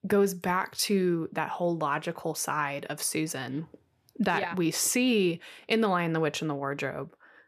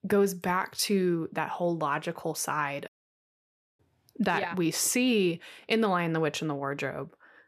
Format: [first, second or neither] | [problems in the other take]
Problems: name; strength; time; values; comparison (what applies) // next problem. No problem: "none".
first | audio cutting out; at 3 s for 1 s